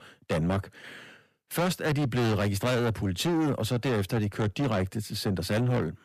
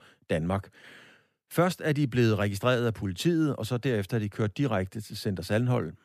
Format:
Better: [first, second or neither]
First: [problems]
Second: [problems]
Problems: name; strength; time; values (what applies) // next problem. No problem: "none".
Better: second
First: distortion; heavy; 7 dB below the speech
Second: none